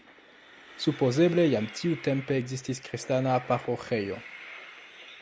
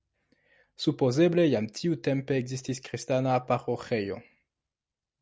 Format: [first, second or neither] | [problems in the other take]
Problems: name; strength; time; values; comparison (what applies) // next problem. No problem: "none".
second | background sound (Train); 18 dB below the speech